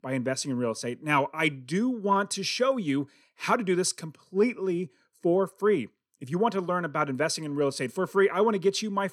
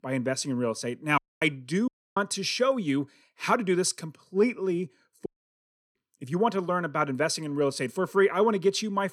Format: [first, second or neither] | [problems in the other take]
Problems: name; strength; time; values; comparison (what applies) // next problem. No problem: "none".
first | audio cutting out; at 1 s, at 2 s and at 5.5 s for 0.5 s